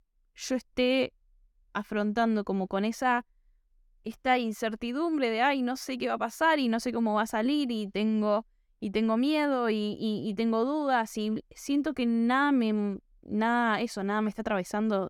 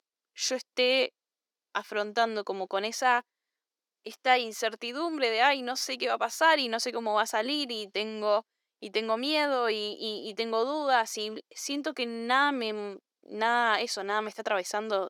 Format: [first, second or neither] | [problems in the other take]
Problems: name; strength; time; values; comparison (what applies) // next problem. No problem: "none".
first | thin; somewhat; fading below 400 Hz